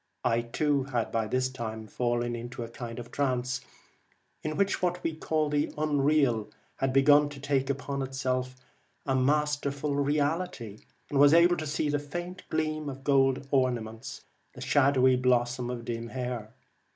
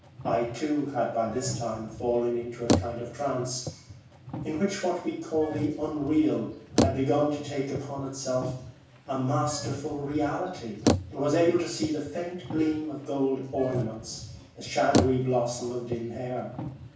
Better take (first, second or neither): first